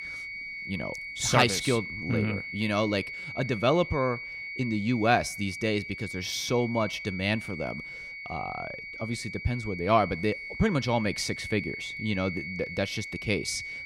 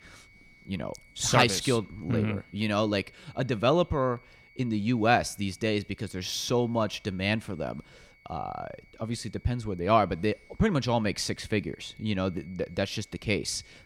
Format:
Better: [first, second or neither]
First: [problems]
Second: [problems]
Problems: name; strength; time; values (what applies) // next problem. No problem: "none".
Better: second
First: high-pitched whine; loud; throughout; 2 kHz, 8 dB below the speech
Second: high-pitched whine; faint; throughout; 2 kHz, 30 dB below the speech